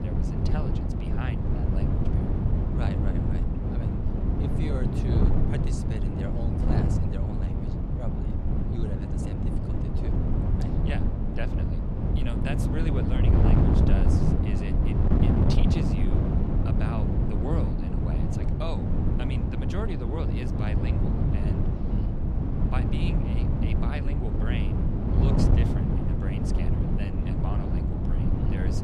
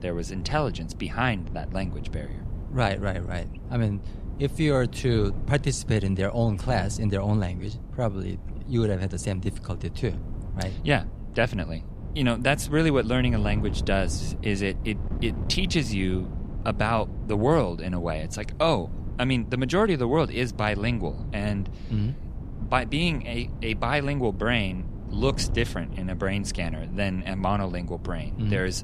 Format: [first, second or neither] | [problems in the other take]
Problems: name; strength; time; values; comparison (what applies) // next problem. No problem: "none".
second | wind noise on the microphone; heavy; 5 dB above the speech; occasional gusts in the second